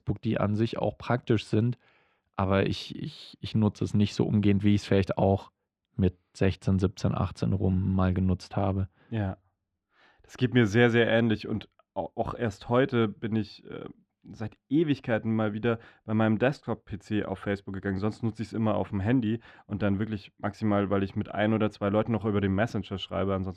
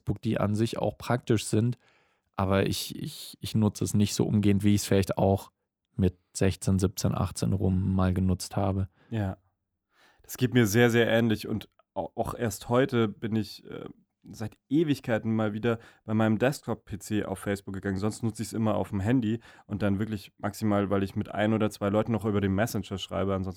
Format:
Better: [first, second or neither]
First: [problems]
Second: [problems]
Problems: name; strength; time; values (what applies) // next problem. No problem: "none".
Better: second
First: muffled; slightly; fading above 3 kHz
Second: none